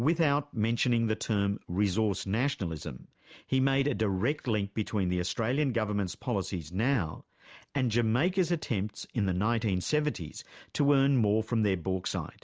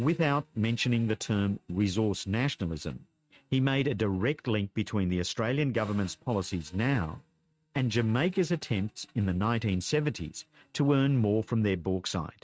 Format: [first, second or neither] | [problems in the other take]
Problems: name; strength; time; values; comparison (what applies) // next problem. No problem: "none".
first | noise reduction (neural mask model RNNoise)